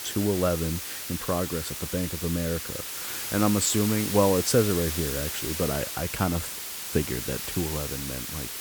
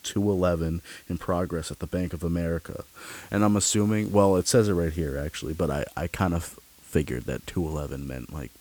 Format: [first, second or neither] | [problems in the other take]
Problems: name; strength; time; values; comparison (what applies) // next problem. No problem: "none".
second | hiss; loud; throughout; 4 dB below the speech; faint in the second